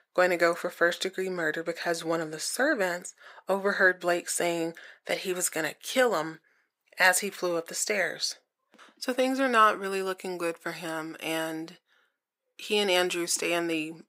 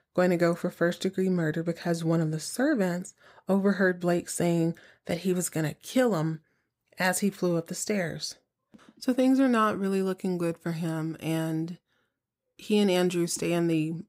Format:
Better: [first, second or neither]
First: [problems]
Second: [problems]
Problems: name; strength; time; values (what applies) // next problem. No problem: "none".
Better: second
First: thin; somewhat; fading below 500 Hz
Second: none